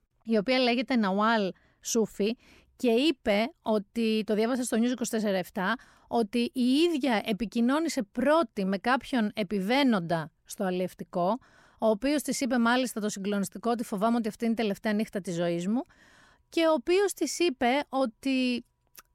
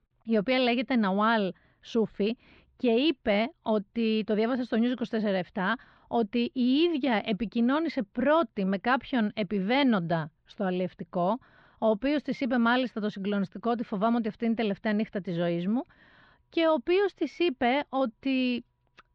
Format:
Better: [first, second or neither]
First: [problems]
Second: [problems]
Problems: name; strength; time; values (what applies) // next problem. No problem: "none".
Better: first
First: none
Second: muffled; slightly; fading above 4 kHz